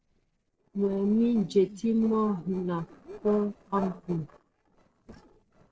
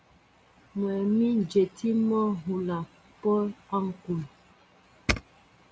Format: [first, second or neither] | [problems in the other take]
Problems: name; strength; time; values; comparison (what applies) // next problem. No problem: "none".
second | noise reduction (neural separator model SepFormer DNS4)